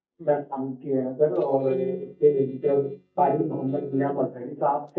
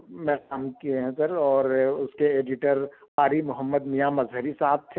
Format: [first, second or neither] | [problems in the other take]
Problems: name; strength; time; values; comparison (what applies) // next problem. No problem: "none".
second | noise reduction (neural mask model DeepFilterNet 3)